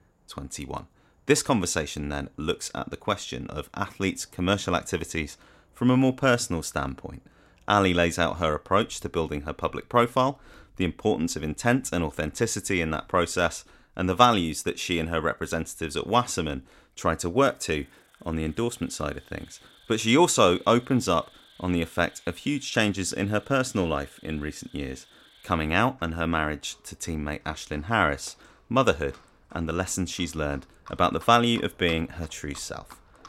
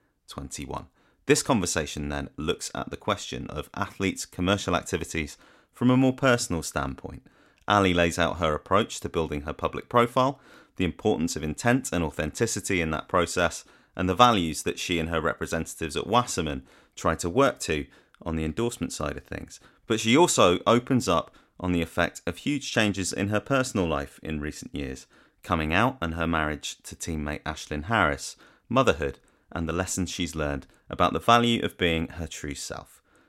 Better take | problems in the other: second | animal sounds; faint; throughout; 30 dB below the speech

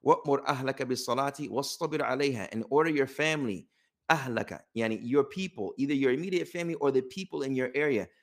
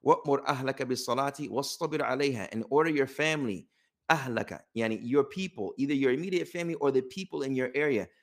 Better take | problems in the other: neither | none

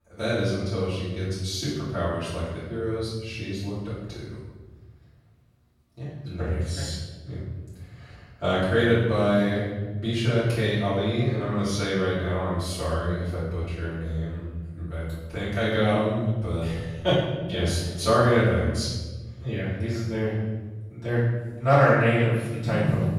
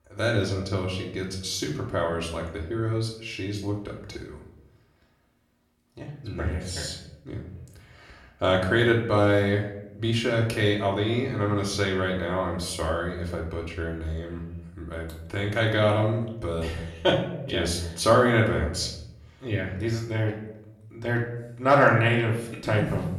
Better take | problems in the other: second | room echo; strong; dies away in 1.5 s; slight in the second // off-mic speech; far; far in the second

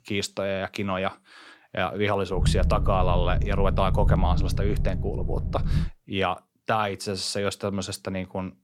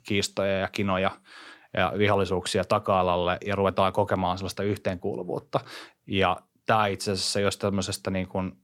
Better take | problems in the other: second | low rumble; noticeable; from 2.5 to 6 s; 10 dB below the speech

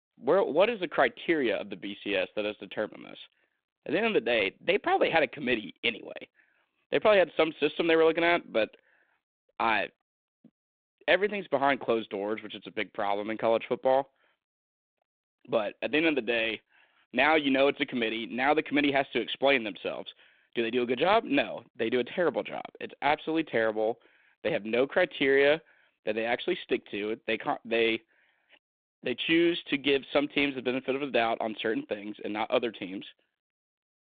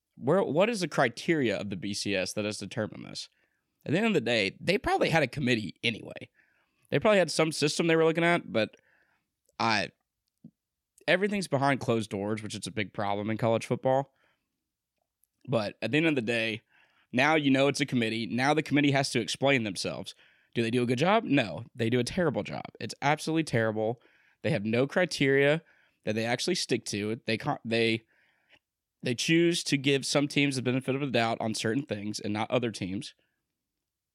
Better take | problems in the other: second | phone-call audio; nothing above 3.5 kHz

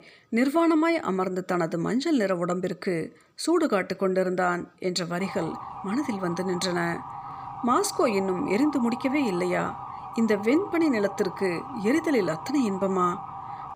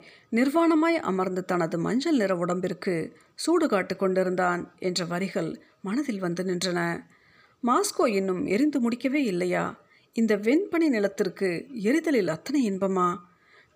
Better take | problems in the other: second | siren; noticeable; from 5 s on; peak 10 dB below the speech

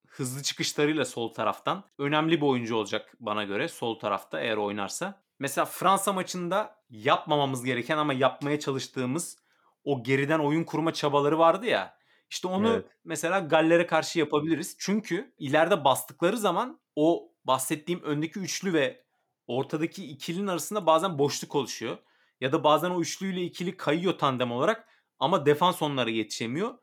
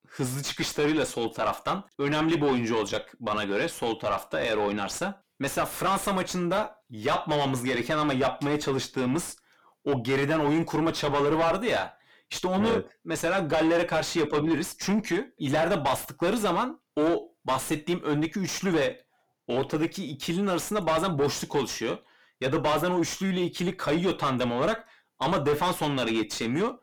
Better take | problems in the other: first | distortion; heavy; 5 dB below the speech

